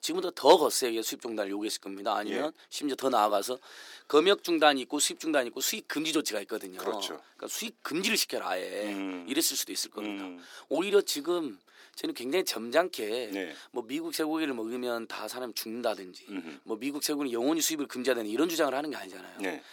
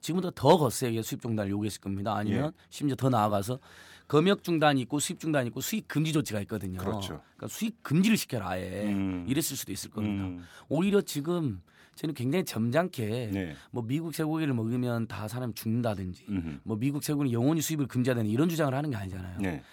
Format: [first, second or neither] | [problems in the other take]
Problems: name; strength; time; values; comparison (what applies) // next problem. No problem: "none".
second | thin; somewhat; fading below 350 Hz